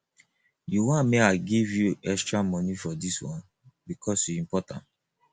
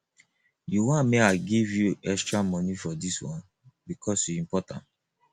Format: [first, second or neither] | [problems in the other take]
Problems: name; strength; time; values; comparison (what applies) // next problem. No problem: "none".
first | background sound (Rattle (instrument)); 19 dB below the speech